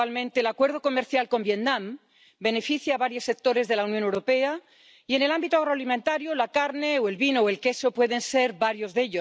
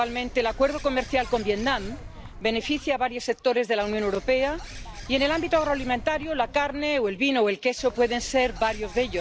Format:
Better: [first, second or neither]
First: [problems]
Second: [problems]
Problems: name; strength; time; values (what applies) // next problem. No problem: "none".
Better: first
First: none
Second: background sound (Bird); 14 dB below the speech